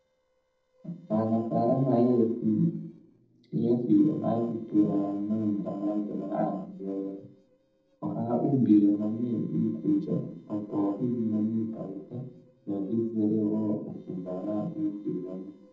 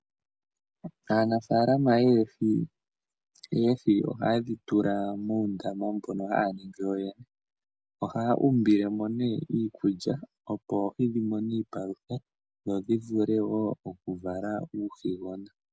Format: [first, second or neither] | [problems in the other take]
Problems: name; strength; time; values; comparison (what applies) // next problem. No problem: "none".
second | noise reduction (neural separator model SepFormer DNS4)